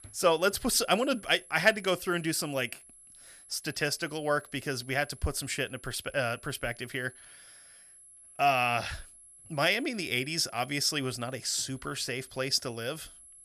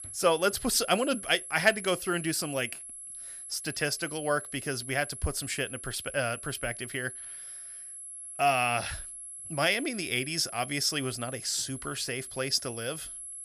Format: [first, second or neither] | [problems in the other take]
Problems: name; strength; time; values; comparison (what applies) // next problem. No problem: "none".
first | high-pitched whine; loud; throughout; 11 kHz, 10 dB below the speech; faint in the first